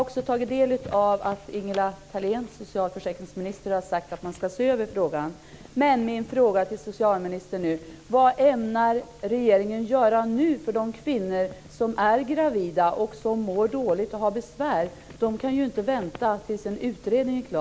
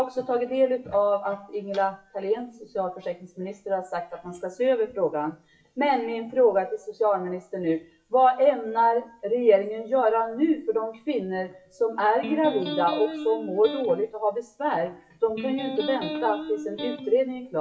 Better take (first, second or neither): first